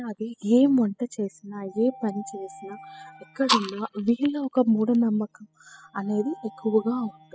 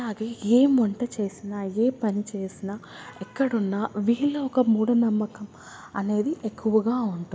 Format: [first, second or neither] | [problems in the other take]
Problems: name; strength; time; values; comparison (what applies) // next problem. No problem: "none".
second | noise reduction (classical method spectral subtraction)